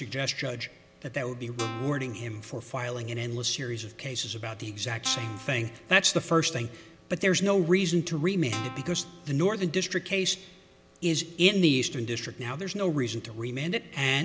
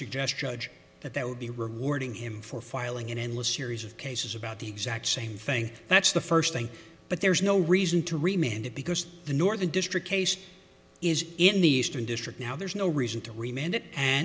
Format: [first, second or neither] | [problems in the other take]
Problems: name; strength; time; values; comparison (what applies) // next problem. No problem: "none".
second | background sound (Guitar); 13 dB below the speech